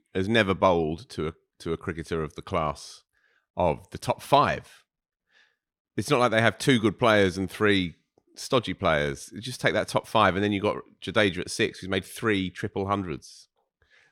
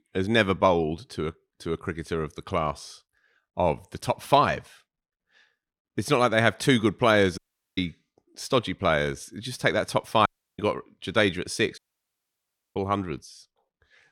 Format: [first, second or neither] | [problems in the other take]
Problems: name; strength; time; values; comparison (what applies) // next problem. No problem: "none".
first | audio cutting out; at 7.5 s, at 10 s and at 12 s for 1 s